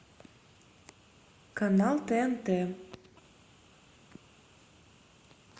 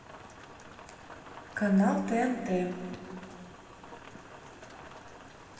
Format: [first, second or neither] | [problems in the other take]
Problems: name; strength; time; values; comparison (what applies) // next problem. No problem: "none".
first | background sound (Rain); 16 dB below the speech // room echo; dies away in 2 s